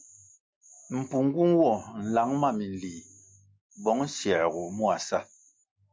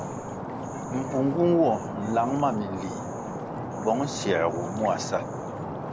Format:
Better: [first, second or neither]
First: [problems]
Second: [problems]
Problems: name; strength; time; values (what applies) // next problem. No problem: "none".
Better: first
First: none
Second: background sound (Stream); 6 dB below the speech